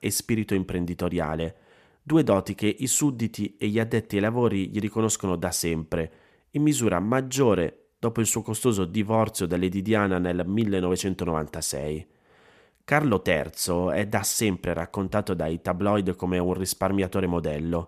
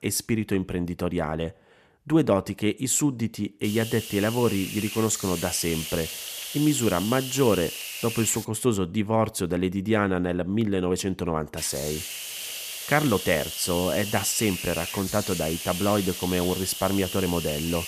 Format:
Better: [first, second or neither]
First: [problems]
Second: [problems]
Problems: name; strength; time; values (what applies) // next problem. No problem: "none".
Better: first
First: none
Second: hiss; loud; from 3.5 to 8.5 s and from 12 s on; 6 dB below the speech